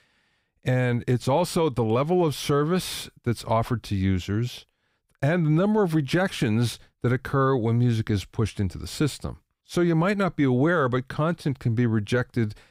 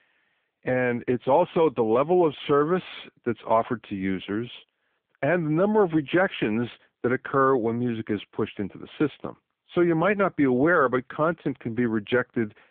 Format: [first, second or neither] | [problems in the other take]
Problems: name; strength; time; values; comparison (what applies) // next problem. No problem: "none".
first | phone-call audio; poor line